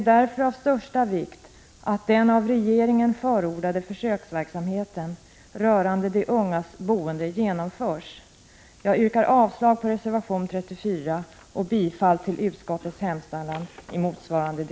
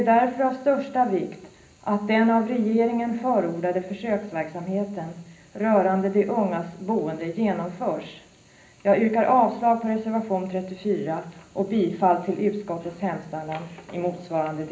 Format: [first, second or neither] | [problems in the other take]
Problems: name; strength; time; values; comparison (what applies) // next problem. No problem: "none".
first | room echo; dies away in 0.5 s